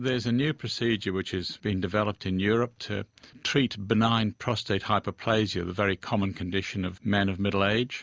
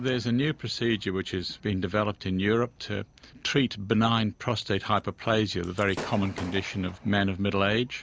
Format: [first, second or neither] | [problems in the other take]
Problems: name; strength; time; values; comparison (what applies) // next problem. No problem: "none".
first | background sound (Gunshot, gunfire / Fireworks); 20 dB below the speech